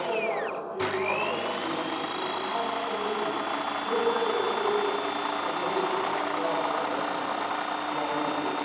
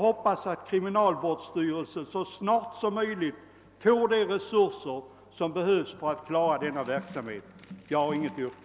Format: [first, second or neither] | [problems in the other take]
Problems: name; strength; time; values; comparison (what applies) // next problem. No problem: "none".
second | background sound (Domestic sounds, home sounds); 1 dB above the speech // room echo; dies away in 2.2 s